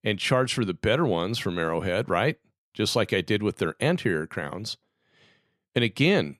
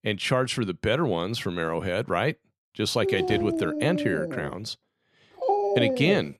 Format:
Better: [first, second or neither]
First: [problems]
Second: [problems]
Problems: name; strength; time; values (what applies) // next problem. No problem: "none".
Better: first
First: none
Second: dog barking; loud; from 3 s on; peak 3 dB above the speech